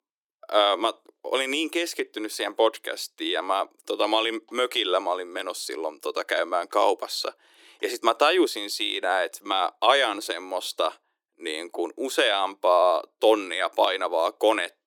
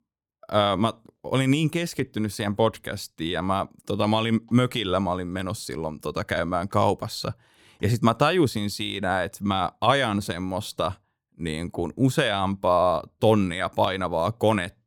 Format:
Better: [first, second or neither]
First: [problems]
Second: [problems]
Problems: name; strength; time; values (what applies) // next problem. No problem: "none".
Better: second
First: thin; very; fading below 350 Hz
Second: none